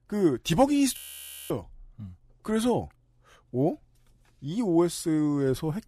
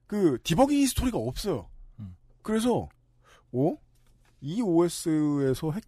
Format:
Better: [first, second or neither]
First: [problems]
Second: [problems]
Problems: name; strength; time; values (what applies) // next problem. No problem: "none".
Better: second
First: audio freezing; at 1 s for 0.5 s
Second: none